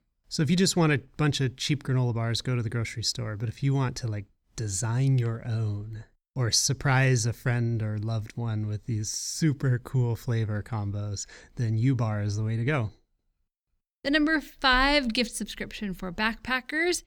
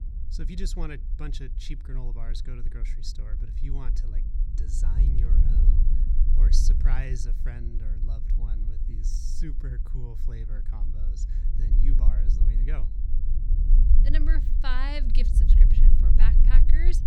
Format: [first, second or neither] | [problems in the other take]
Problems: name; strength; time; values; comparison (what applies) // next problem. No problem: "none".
first | low rumble; loud; throughout; 6 dB below the speech